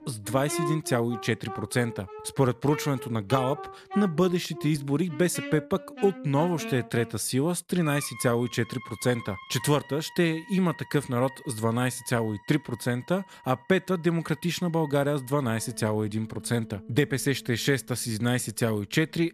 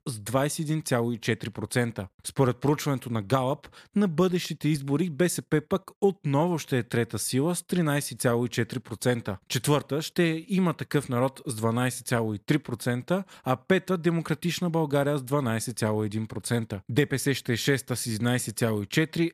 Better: second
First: background music; noticeable; throughout; 15 dB below the speech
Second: none

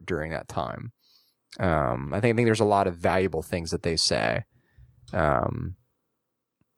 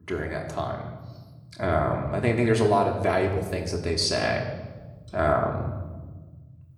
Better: first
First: none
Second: room echo; slight; dies away in 1.2 s // off-mic speech; somewhat distant

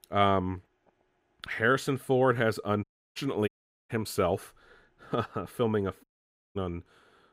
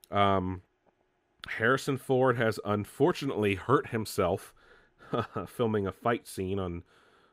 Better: second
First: audio cutting out; at 3 s, at 3.5 s and at 6 s for 0.5 s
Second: none

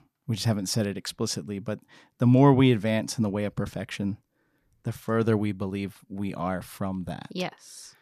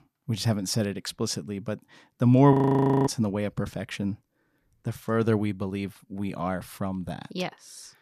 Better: first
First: none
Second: audio freezing; at 2.5 s for 0.5 s

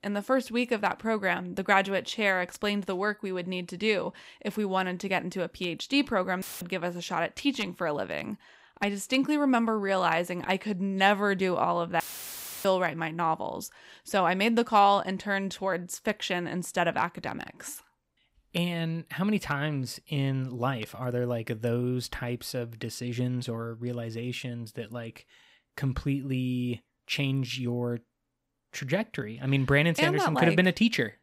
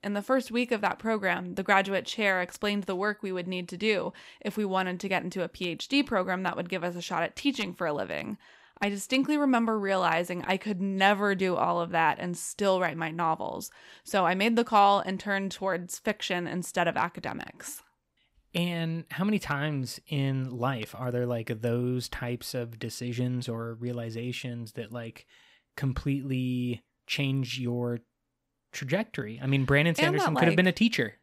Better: second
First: audio cutting out; filled with static; at 6.5 s and at 12 s for 0.5 s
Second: none

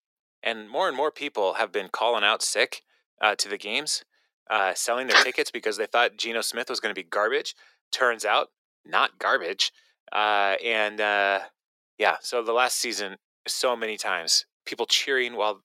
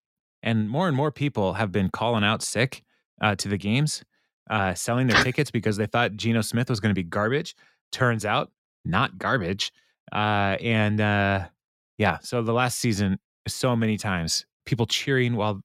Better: second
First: thin; very; fading below 400 Hz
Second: none

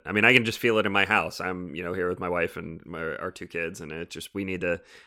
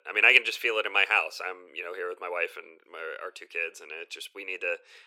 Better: first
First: none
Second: thin; very; fading below 400 Hz

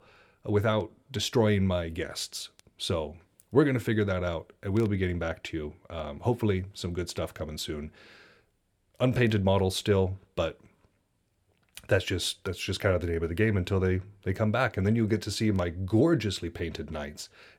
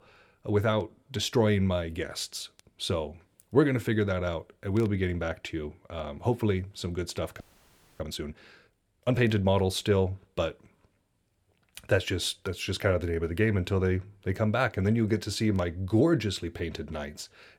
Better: first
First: none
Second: audio freezing; at 7.5 s for 0.5 s

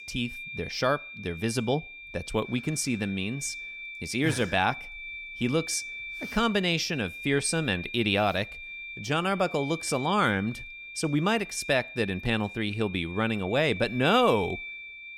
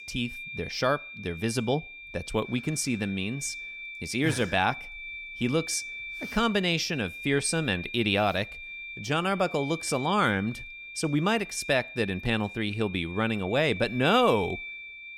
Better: neither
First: high-pitched whine; noticeable; throughout; 2.5 kHz, 10 dB below the speech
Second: high-pitched whine; noticeable; throughout; 2.5 kHz, 10 dB below the speech

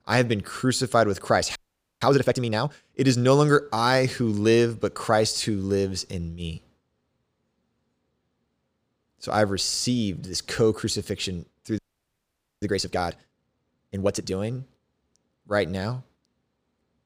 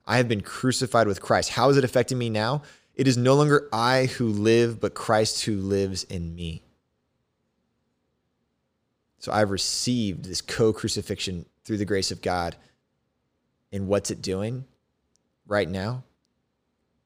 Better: second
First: audio freezing; at 1.5 s and at 12 s for 1 s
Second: none

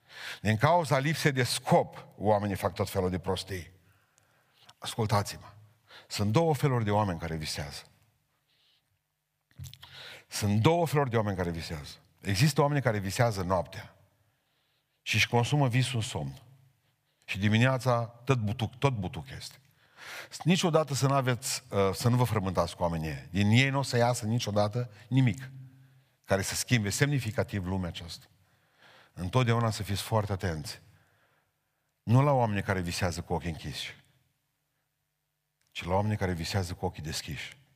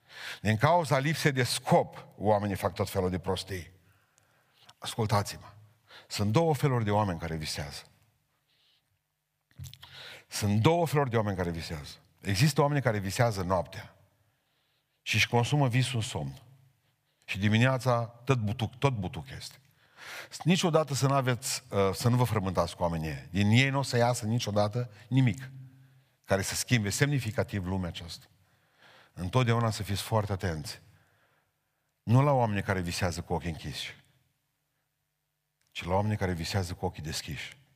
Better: neither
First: none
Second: none

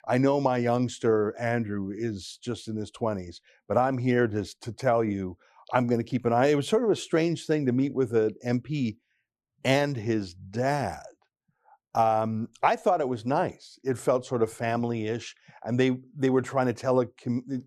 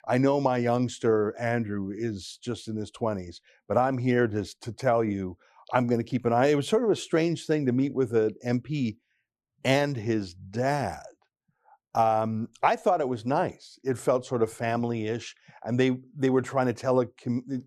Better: neither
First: none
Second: none

